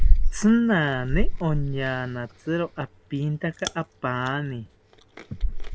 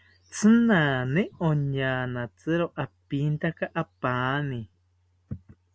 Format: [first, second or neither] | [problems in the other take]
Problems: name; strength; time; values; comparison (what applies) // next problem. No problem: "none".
second | background sound (Chewing, mastication); 2 dB above the speech